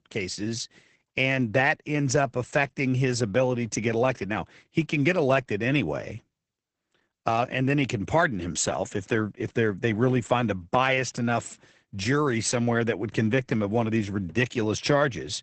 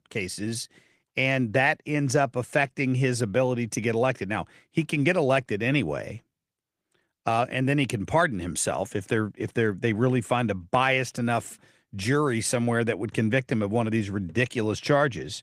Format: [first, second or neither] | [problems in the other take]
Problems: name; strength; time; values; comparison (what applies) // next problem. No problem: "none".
second | garbled, watery; badly; nothing above 8 kHz; slightly in the second